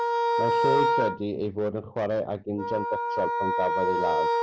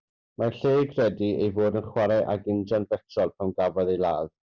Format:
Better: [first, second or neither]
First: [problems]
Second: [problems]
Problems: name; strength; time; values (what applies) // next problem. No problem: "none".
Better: second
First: background sound (Wind instrument, woodwind instrument); 3 dB above the speech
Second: none